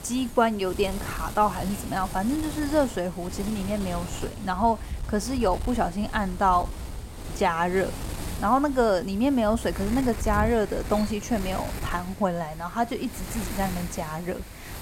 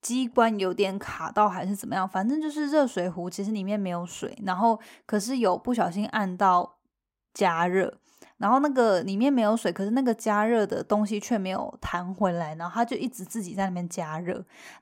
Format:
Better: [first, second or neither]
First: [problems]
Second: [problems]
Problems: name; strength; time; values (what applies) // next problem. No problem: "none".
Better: second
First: wind noise on the microphone; occasional gusts; 15 dB below the speech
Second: none